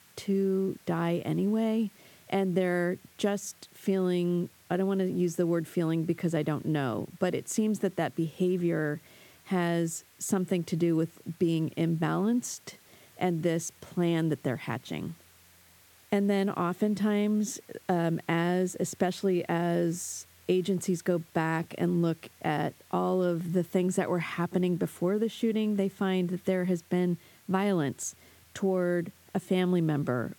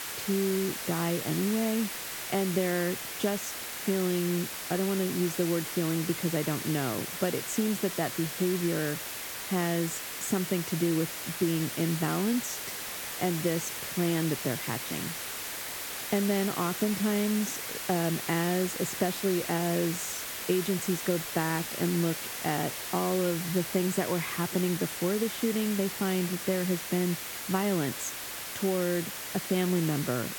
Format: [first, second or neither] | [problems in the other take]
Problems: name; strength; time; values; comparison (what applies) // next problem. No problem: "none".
first | hiss; loud; throughout; 4 dB below the speech; faint in the first